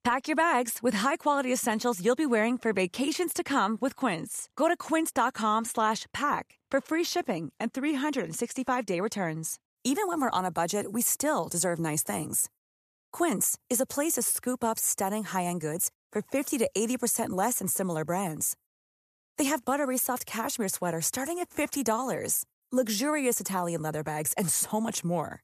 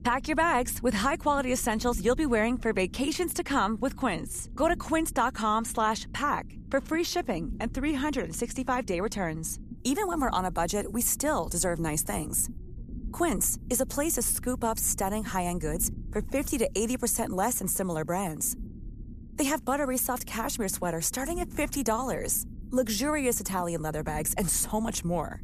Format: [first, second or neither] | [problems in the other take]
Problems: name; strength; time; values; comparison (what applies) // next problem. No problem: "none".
first | low rumble; faint; throughout; 25 dB below the speech